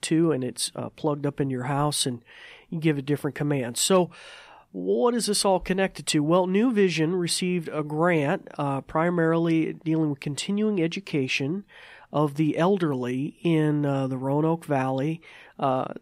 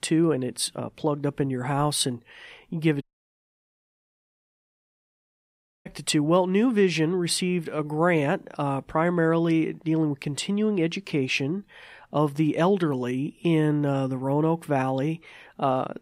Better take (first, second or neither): first